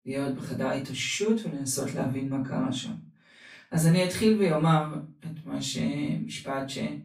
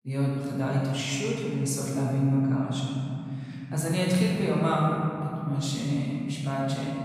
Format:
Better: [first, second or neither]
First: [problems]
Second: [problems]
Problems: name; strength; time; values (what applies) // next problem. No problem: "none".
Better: first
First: room echo; slight; dies away in 0.3 s // off-mic speech; far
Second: room echo; strong; dies away in 3 s // off-mic speech; far